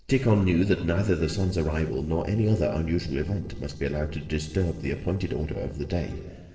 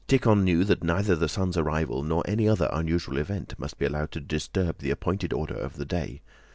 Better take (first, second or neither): second